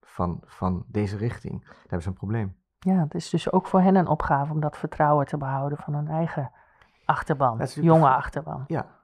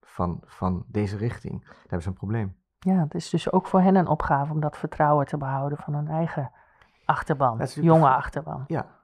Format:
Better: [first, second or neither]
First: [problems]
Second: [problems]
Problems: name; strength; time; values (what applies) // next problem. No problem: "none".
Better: neither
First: muffled; very; fading above 2.5 kHz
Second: muffled; very; fading above 2.5 kHz